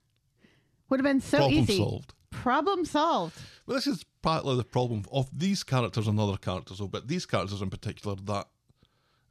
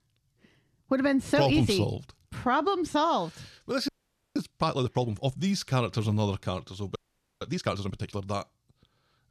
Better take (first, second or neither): first